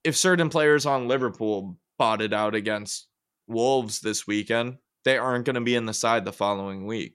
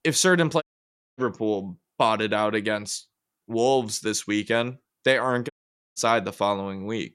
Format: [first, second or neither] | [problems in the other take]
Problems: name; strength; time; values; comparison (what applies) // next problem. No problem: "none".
first | audio cutting out; at 0.5 s for 0.5 s and at 5.5 s